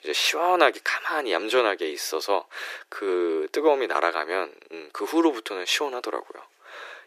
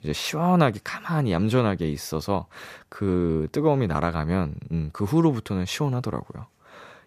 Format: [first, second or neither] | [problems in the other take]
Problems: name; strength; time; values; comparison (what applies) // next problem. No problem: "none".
second | thin; very; fading below 350 Hz